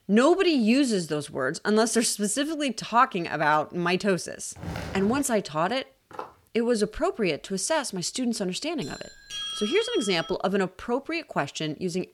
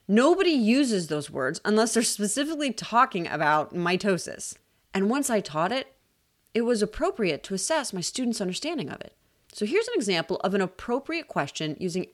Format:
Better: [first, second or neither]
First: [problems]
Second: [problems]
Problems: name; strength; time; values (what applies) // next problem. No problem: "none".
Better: second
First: footsteps; noticeable; at 4.5 s; peak 9 dB below the speech // footsteps; faint; at 6 s; peak 15 dB below the speech // doorbell; noticeable; from 9 to 10 s; peak 5 dB below the speech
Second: none